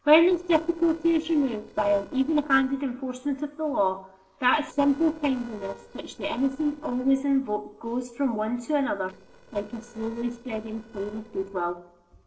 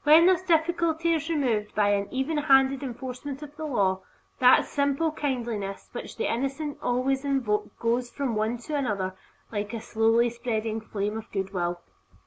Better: second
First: noise reduction (neural separator model SepFormer DNS4)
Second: none

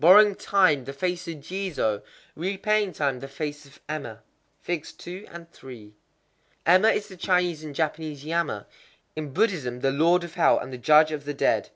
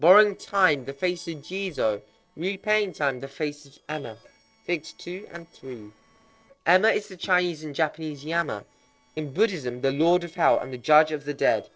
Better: first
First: none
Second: noise reduction (neural separator model SepFormer DNS4)

